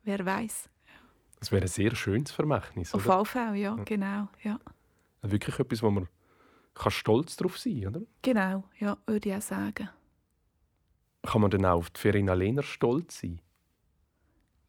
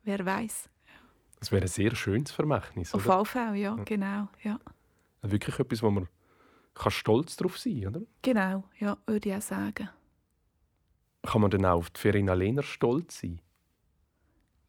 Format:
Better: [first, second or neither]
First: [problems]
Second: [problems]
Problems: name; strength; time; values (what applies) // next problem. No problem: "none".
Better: neither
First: none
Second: none